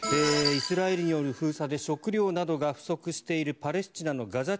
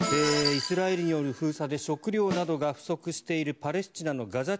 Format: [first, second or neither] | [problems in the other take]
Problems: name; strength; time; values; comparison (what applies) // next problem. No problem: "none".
first | background sound (Snare drum); 14 dB below the speech